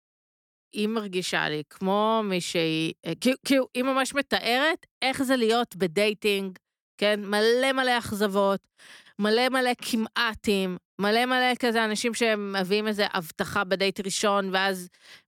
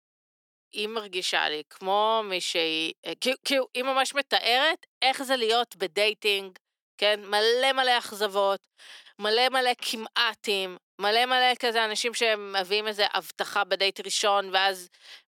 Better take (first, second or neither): first